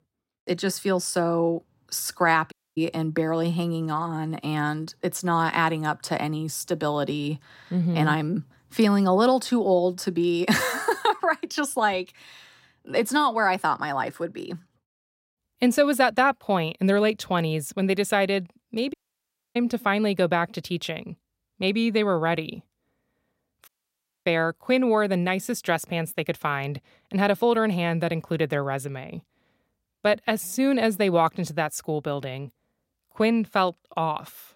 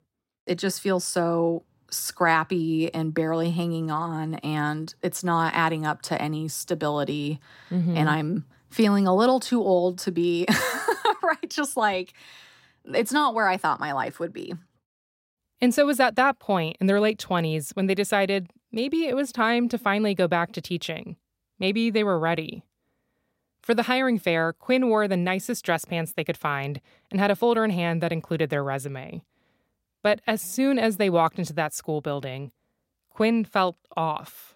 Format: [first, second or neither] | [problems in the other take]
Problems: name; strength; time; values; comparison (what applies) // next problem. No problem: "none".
second | audio cutting out; at 2.5 s, at 19 s for 0.5 s and at 24 s for 0.5 s